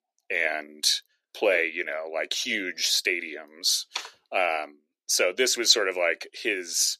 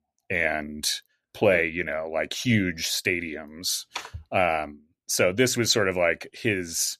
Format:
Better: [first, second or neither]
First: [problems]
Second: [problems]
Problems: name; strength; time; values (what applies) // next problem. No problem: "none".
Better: second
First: thin; somewhat; fading below 350 Hz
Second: none